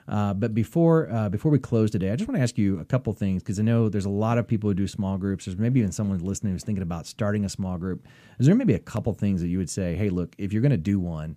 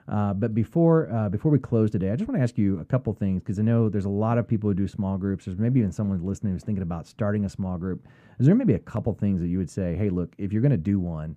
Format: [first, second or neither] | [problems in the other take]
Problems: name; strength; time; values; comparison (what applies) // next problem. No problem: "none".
first | muffled; slightly; fading above 2.5 kHz